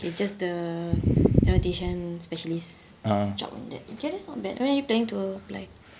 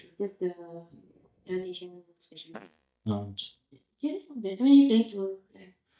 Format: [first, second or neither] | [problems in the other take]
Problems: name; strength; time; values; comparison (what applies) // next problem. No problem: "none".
first | noise reduction (neural mask model DeepFilterNet 3)